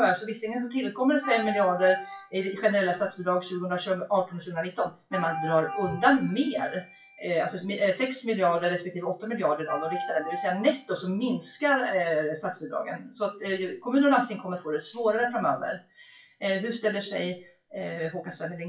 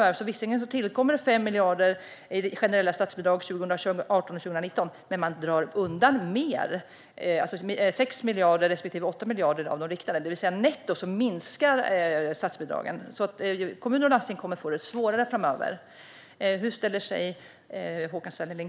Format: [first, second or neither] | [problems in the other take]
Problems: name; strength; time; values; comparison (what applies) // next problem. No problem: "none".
second | noise reduction (classical method WPE with log-MMSE)